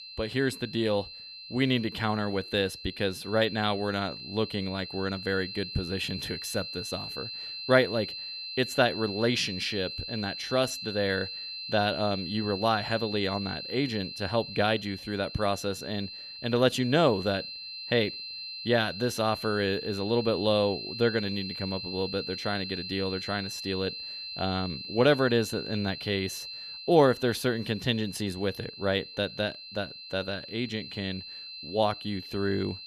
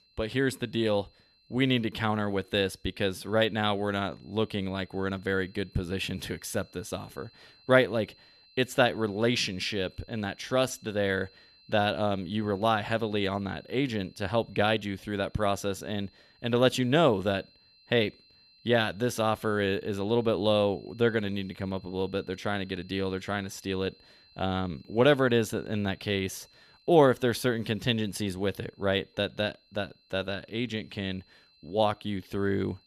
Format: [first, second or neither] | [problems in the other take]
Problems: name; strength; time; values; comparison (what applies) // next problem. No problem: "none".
second | high-pitched whine; loud; throughout; 4 kHz, 8 dB below the speech; faint in the second